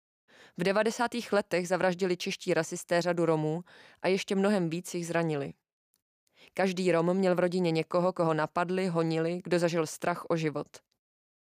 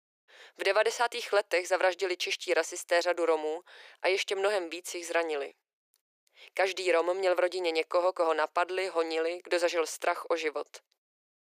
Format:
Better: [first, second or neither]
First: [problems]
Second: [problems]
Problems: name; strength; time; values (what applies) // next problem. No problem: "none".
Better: first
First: none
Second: thin; very; fading below 400 Hz